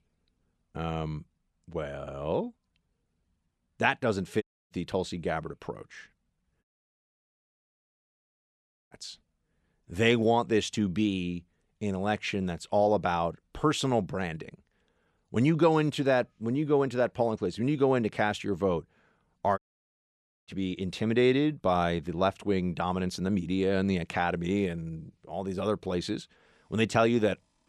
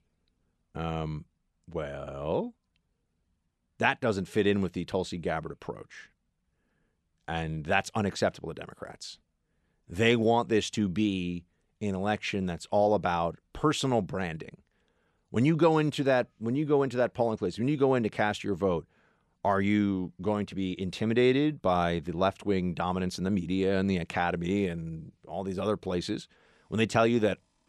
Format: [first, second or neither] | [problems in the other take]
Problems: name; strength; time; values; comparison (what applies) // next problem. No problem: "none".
second | audio cutting out; at 4.5 s, at 6.5 s for 2.5 s and at 20 s for 1 s